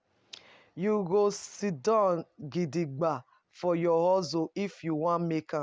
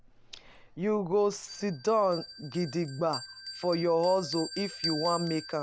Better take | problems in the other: first | background sound (Bell); 12 dB below the speech

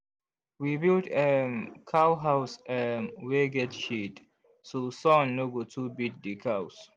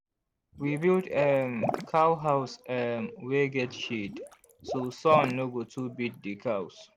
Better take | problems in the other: first | background sound (Water / Liquid); 11 dB below the speech

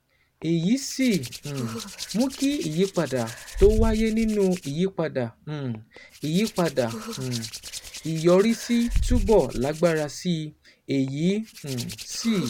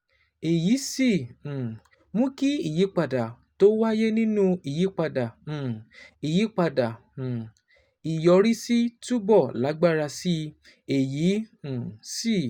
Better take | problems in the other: second | background sound (Hands); 8 dB below the speech

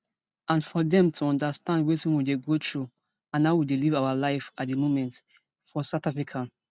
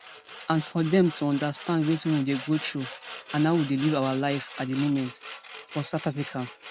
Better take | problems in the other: first | background sound (Sawing); 15 dB below the speech

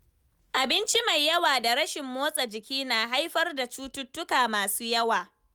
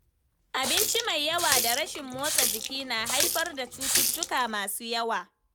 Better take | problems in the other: first | background sound (Water tap, faucet); 1 dB above the speech

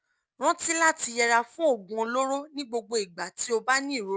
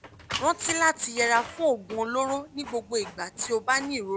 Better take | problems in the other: first | background sound (Printer); 14 dB below the speech

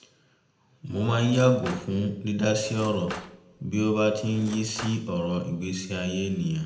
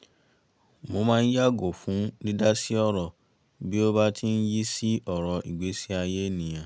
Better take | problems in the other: second | background sound (Cutlery, silverware / Drawer open or close); 15 dB below the speech // room echo; dies away in 0.7 s

